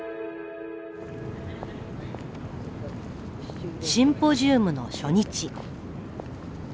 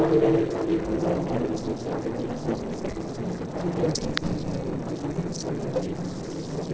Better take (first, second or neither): first